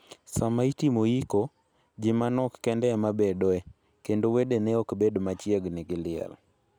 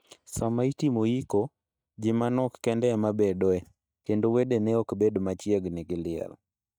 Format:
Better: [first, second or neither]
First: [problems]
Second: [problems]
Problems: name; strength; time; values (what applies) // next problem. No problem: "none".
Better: first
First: none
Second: noise reduction (neural mask model DeepFilterNet 3)